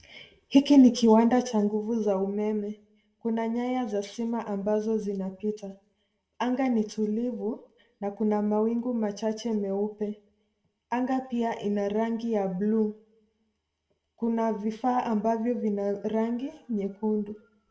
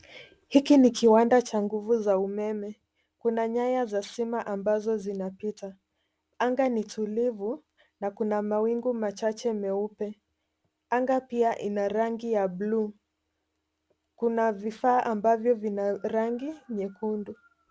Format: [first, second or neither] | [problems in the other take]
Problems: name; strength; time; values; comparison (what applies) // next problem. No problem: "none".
second | room echo; dies away in 0.6 s